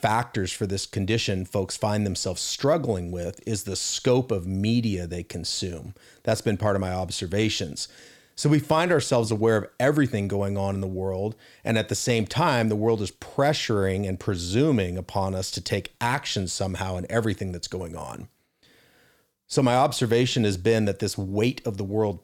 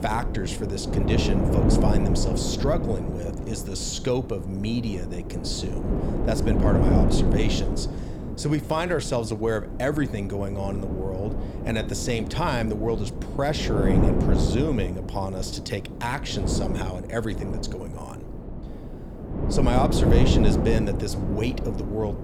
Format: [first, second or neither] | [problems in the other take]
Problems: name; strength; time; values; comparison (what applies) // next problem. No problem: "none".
first | wind noise on the microphone; heavy; 3 dB below the speech